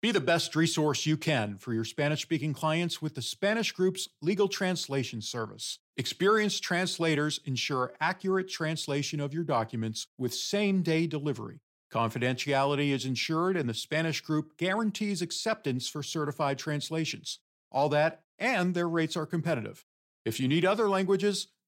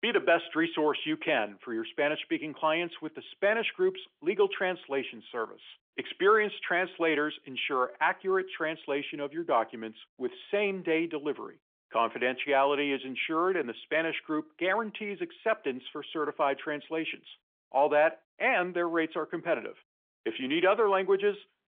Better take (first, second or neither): first